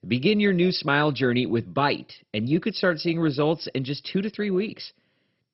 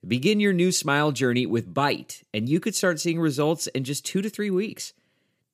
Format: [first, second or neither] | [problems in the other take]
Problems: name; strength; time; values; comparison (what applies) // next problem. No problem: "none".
second | garbled, watery; badly; nothing above 5.5 kHz